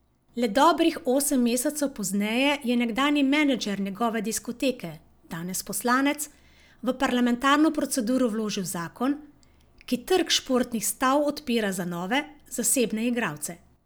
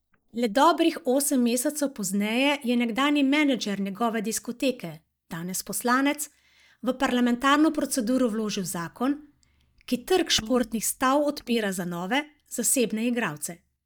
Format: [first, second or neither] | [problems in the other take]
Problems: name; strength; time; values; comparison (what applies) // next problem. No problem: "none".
first | noise reduction (neural mask model DeepFilterNet 3)